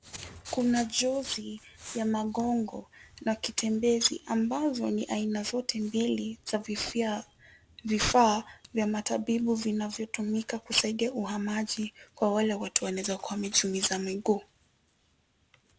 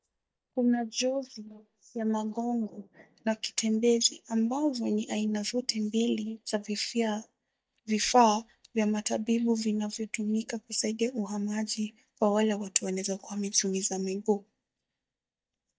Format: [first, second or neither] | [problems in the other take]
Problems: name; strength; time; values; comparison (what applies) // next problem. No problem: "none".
first | noise reduction (neural mask model DeepFilterNet 3)